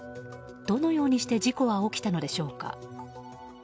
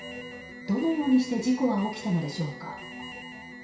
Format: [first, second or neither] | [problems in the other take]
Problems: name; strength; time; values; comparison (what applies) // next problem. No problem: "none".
first | background sound (Alarm); 15 dB below the speech // room echo; dies away in 0.6 s